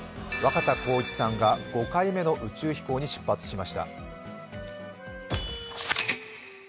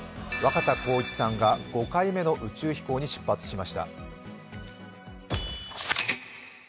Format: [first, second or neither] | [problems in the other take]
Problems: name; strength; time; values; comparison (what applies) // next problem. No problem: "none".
second | background sound (Wind instrument, woodwind instrument); 16 dB below the speech